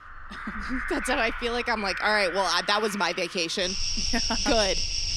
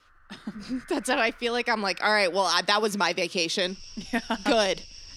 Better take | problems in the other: second | animal sounds; loud; throughout; 4 dB below the speech; faint in the second

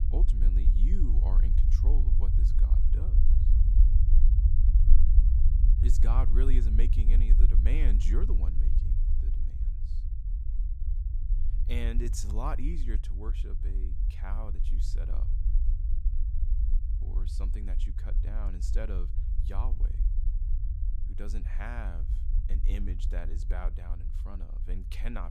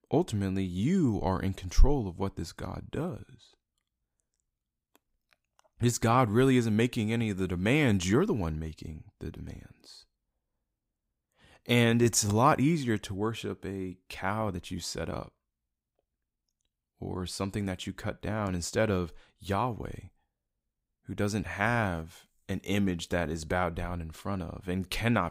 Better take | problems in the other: second | low rumble; loud; throughout; 5 dB below the speech

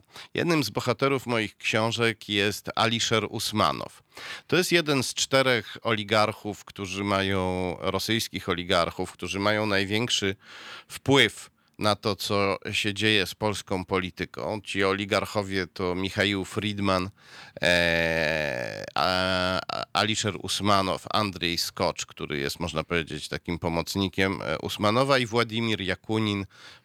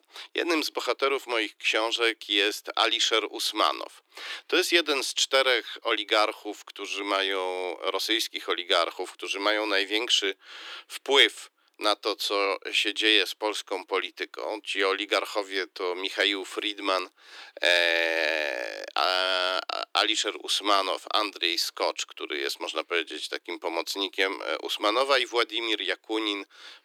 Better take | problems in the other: first | thin; very; fading below 300 Hz

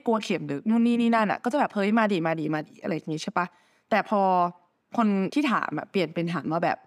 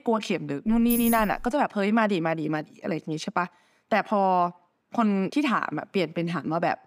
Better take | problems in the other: first | jangling keys; noticeable; at 0.5 s; peak 4 dB below the speech

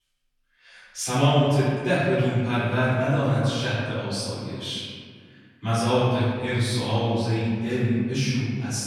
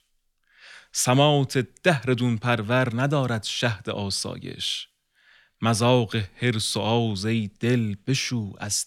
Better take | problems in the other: second | off-mic speech; far // room echo; strong; dies away in 1.9 s

